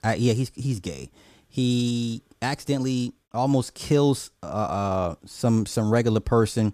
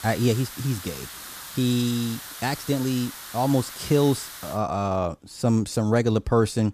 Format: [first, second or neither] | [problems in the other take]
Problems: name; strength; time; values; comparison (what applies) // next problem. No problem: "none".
first | hiss; noticeable; until 4.5 s; 10 dB below the speech